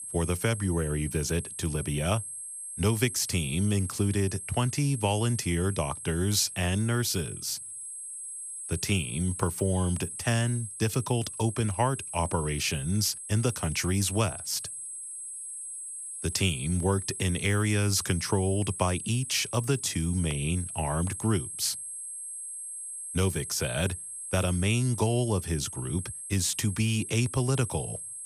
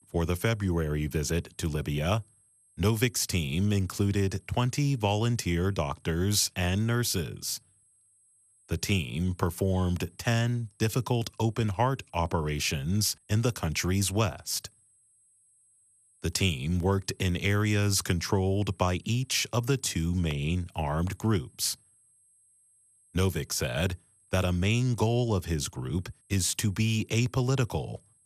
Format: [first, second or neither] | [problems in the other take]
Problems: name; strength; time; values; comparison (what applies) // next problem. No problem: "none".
second | high-pitched whine; loud; throughout; 8 kHz, 8 dB below the speech; faint in the second